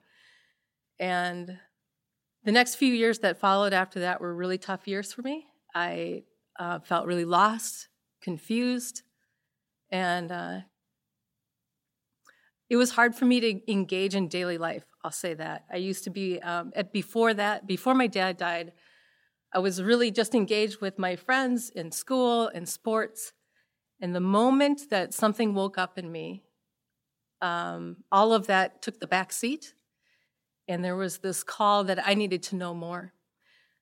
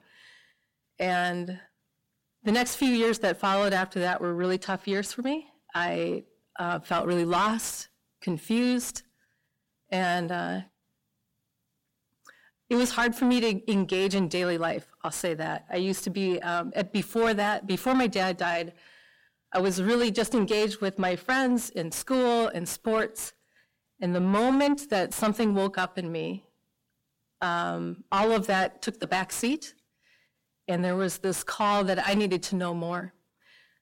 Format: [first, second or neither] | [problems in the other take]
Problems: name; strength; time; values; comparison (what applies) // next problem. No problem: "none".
first | distortion; heavy; 8 dB below the speech